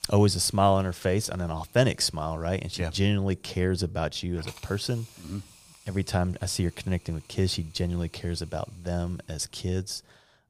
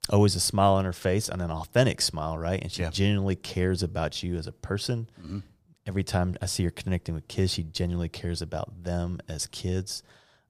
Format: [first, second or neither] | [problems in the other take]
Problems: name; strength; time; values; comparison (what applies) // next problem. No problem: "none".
second | hiss; faint; throughout; 25 dB below the speech